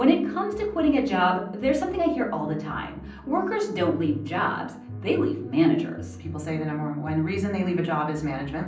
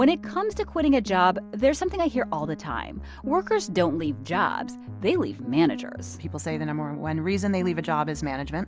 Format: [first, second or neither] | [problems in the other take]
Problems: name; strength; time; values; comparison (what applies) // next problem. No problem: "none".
second | room echo; dies away in 0.6 s